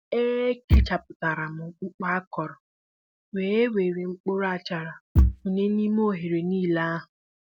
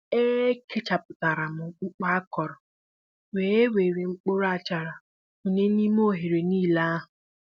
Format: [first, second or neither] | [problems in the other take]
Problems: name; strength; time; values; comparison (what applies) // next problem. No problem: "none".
second | background sound (Bass drum / Thump, thud); 2 dB below the speech